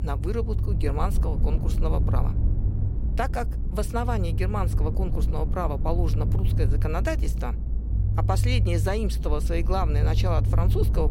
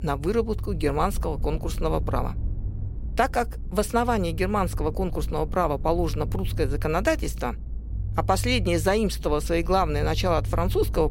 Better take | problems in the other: second | low rumble; loud; throughout; 9 dB below the speech; faint in the second

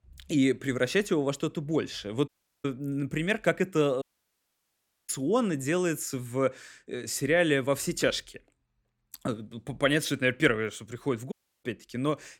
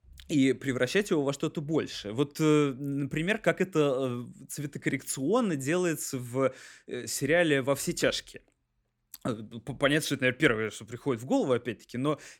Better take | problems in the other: second | audio cutting out; at 2.5 s, at 4 s for 1 s and at 11 s

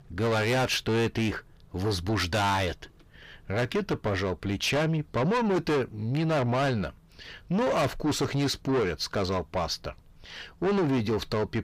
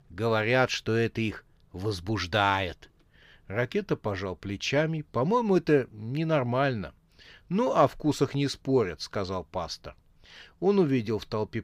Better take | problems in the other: second | distortion; heavy; 6 dB below the speech

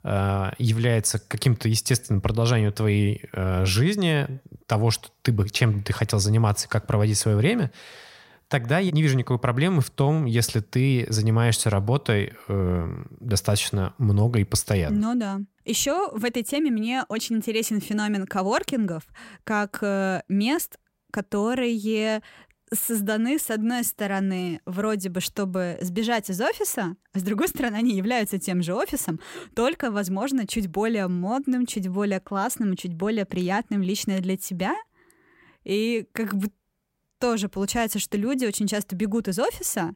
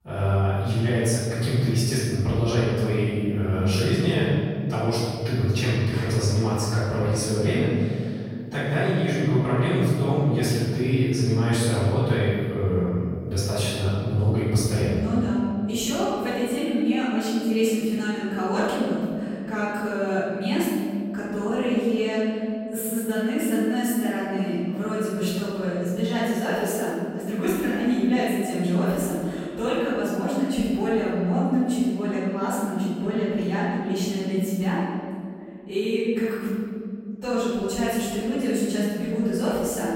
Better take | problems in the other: first | off-mic speech; far // room echo; strong; dies away in 2.5 s

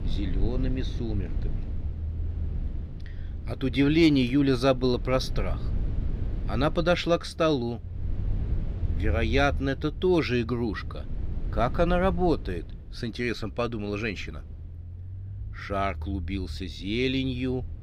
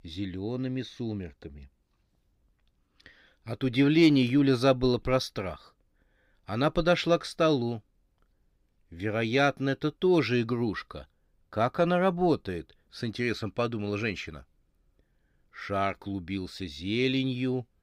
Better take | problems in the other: second | low rumble; faint; throughout; 20 dB below the speech

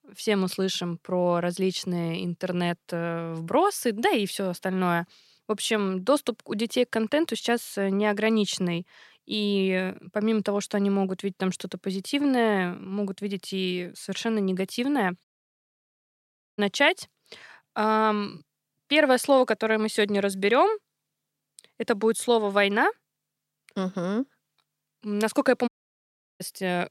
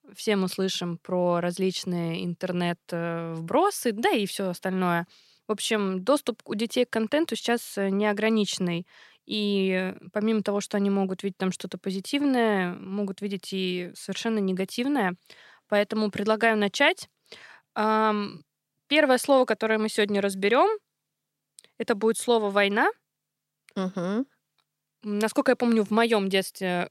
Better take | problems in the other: second | audio cutting out; at 15 s for 1.5 s and at 26 s for 0.5 s

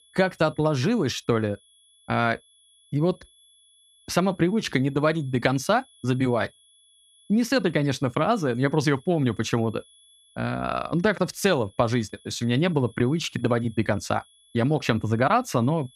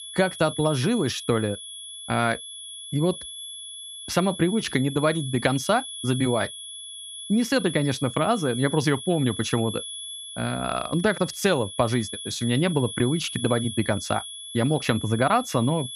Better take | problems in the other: first | high-pitched whine; loud; throughout; 3.5 kHz, 10 dB below the speech; faint in the first

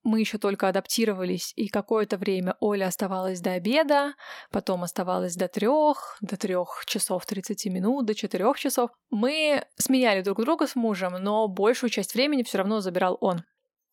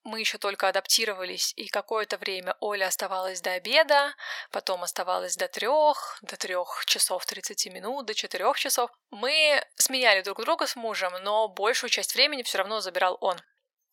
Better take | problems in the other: first | thin; very; fading below 750 Hz

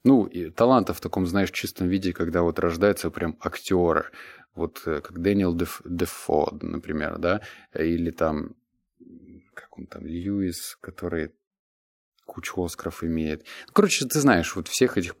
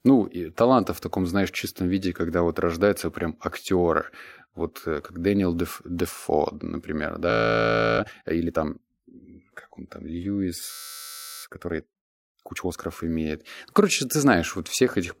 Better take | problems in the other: first | audio freezing; at 7.5 s for 0.5 s and at 11 s for 0.5 s

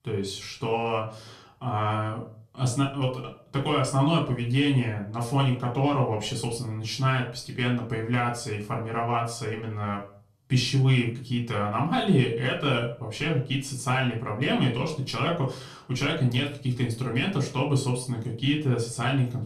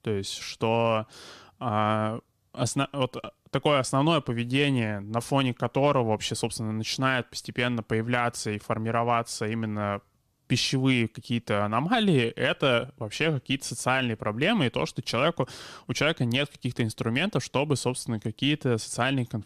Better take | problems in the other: second | off-mic speech; far // room echo; slight; dies away in 0.3 s

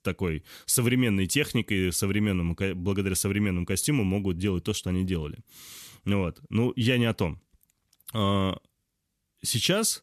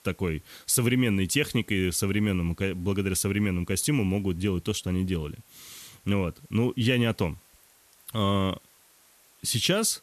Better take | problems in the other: first | hiss; faint; throughout; 30 dB below the speech

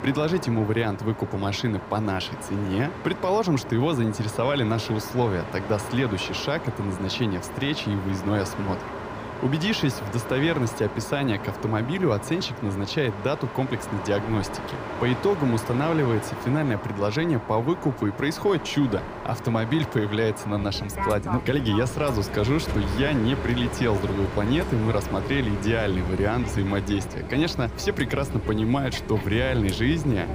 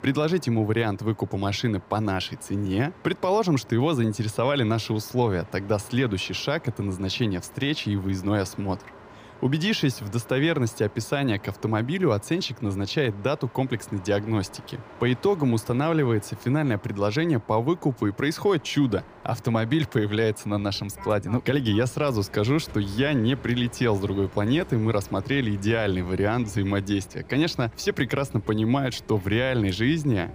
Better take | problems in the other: second | train or aircraft noise; loud; throughout; 8 dB below the speech; faint in the second

